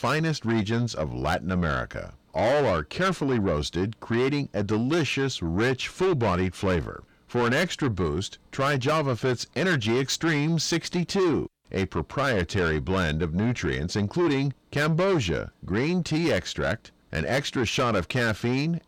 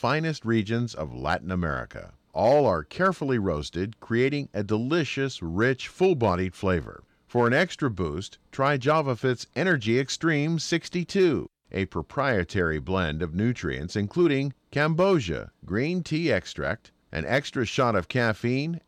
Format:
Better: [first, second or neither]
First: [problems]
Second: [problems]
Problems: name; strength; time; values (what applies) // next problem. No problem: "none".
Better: second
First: distortion; heavy; 8 dB below the speech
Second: none